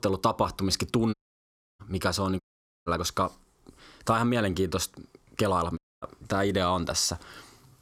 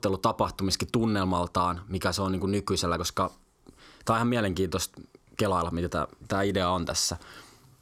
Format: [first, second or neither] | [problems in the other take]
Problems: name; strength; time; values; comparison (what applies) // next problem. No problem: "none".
second | audio cutting out; at 1 s for 0.5 s, at 2.5 s and at 6 s